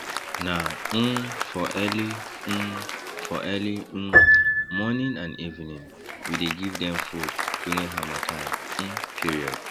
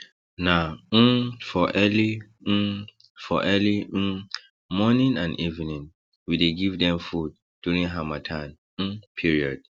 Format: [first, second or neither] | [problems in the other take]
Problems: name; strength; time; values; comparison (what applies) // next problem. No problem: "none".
second | background sound (Applause + Piano); 4 dB above the speech